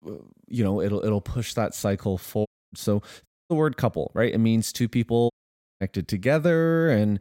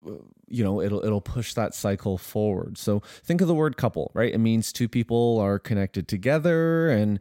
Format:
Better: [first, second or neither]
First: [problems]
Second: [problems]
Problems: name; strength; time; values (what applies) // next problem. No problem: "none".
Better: second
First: audio cutting out; at 2.5 s, at 3.5 s and at 5.5 s for 0.5 s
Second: none